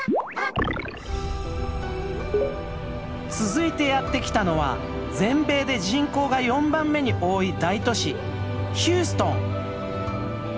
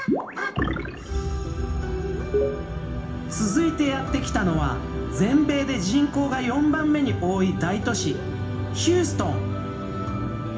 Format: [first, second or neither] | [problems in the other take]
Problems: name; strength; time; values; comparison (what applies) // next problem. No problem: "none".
first | room echo; dies away in 0.4 s